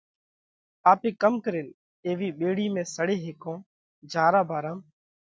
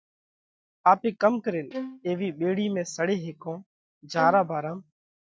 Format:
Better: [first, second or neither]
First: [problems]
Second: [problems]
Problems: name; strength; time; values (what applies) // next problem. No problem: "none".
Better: first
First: none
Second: noise reduction (neural mask model DeepFilterNet 3)